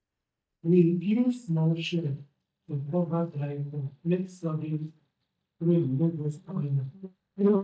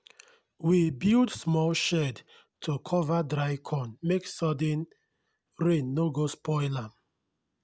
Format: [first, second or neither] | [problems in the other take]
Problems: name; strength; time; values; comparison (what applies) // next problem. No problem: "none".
second | noise reduction (neural mask model DeepFilterNet 3)